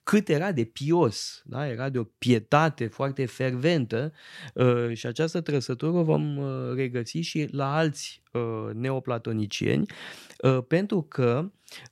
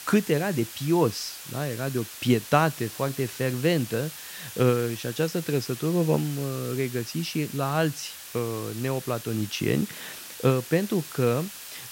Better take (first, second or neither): first